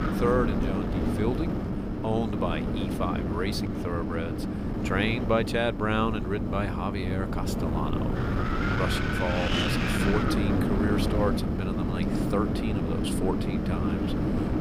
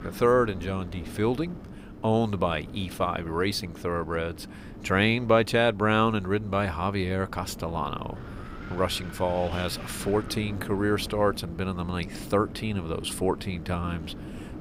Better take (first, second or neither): second